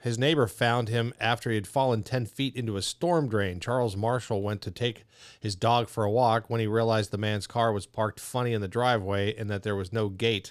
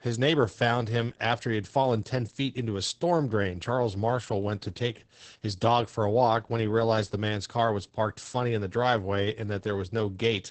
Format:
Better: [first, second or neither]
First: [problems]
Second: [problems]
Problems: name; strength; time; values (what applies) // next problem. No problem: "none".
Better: first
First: none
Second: garbled, watery; badly; nothing above 8 kHz